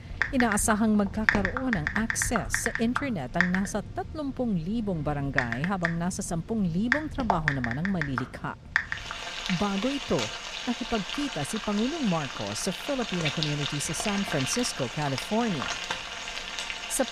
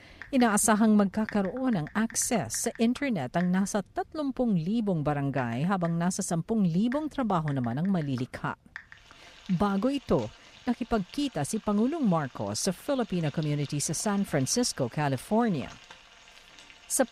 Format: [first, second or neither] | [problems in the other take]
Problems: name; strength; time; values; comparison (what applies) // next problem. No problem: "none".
second | household noises; loud; throughout; 2 dB below the speech; faint in the second